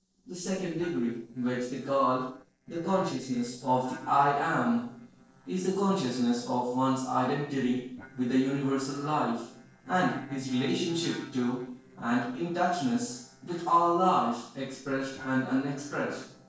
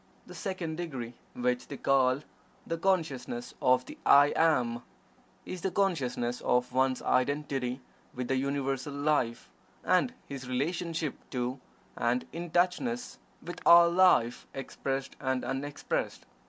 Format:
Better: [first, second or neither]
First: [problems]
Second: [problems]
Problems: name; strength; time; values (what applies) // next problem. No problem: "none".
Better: second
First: noise reduction (neural separator model SepFormer DNS4)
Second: none